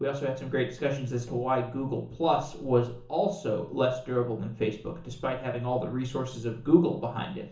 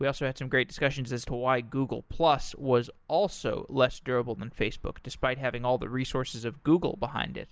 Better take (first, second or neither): second